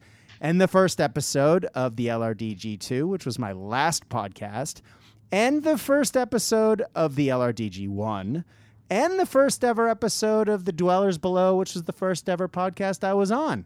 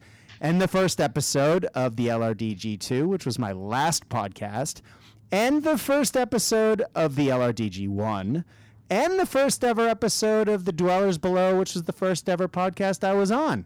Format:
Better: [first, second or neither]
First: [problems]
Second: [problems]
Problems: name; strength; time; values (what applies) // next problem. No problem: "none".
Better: first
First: none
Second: distortion; slight; 12% of the sound clipped